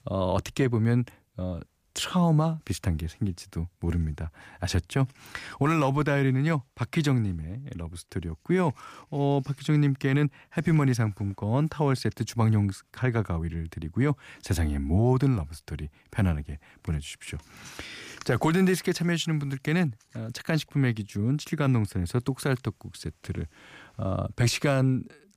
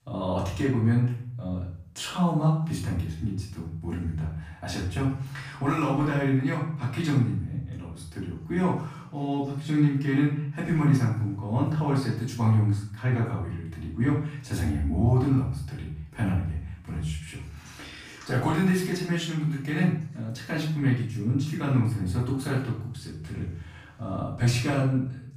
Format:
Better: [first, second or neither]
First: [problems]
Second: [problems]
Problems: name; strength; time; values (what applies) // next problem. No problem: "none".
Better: first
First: none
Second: off-mic speech; far // room echo; noticeable; dies away in 0.5 s